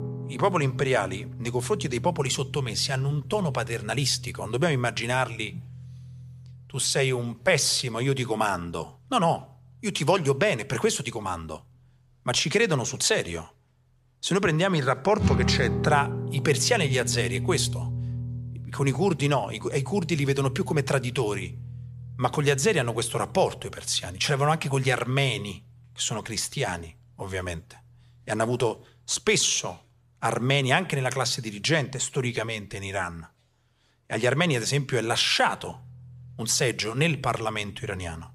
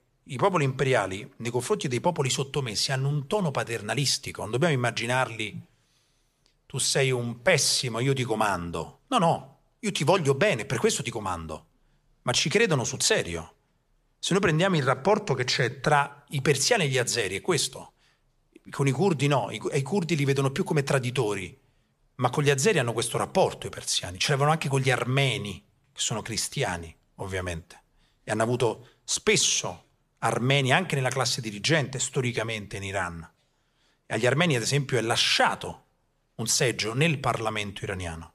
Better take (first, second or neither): second